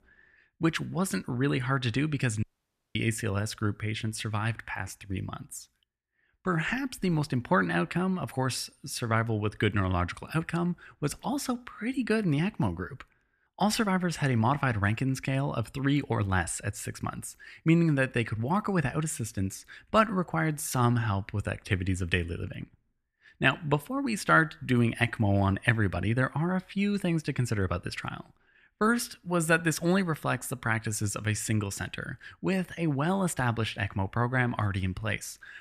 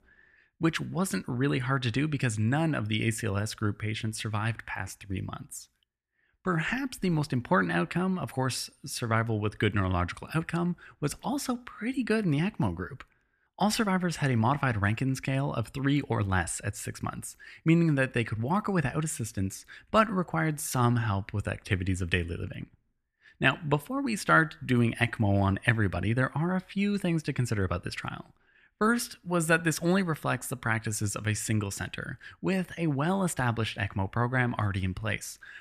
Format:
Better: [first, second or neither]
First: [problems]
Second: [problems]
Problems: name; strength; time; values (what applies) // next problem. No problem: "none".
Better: second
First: audio cutting out; at 2.5 s for 0.5 s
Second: none